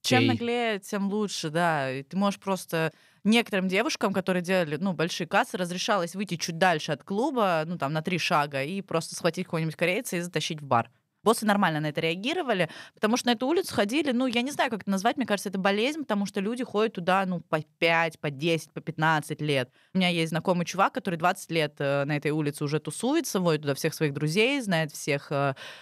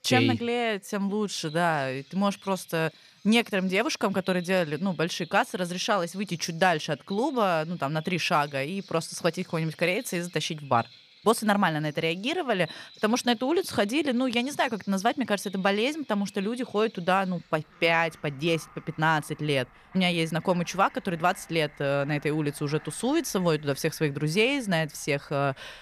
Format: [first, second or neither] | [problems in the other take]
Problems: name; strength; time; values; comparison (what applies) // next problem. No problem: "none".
first | animal sounds; faint; throughout; 25 dB below the speech